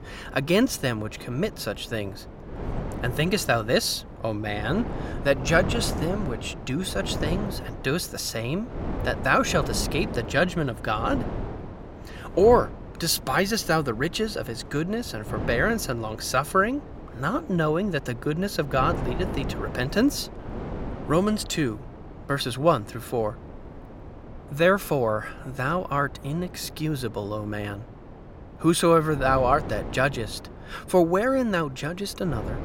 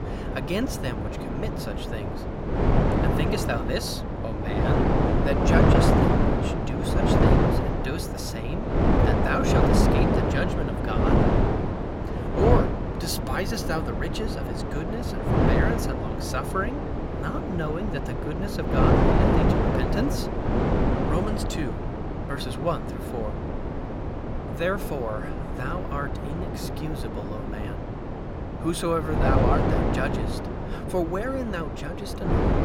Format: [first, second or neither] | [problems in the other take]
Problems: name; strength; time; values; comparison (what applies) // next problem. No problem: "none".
first | wind noise on the microphone; heavy; 3 dB above the speech; occasional gusts in the first